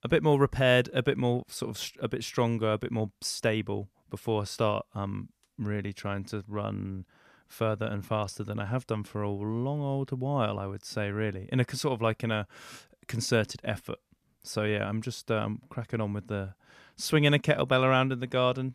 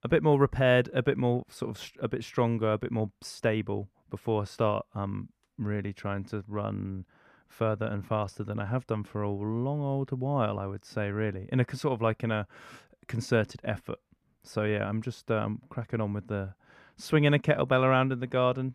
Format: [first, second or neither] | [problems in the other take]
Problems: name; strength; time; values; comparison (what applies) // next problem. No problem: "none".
first | muffled; slightly; fading above 3 kHz